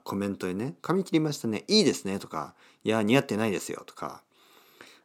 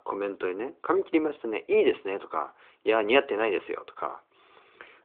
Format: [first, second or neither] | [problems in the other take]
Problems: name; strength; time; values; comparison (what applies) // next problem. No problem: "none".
first | phone-call audio